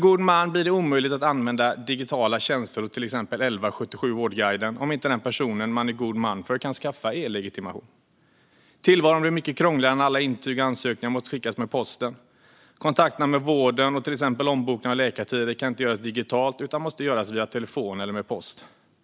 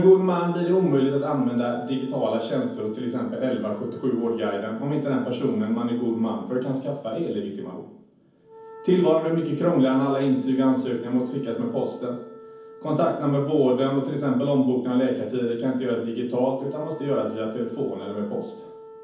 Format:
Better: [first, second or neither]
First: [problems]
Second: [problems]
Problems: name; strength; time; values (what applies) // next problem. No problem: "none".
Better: first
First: none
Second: background sound (Wind instrument, woodwind instrument); 19 dB below the speech // room echo; dies away in 0.7 s